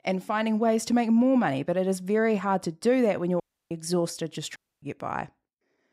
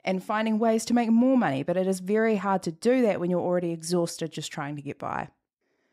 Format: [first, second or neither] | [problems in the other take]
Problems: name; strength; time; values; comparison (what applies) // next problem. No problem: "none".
second | audio cutting out; at 3.5 s and at 4.5 s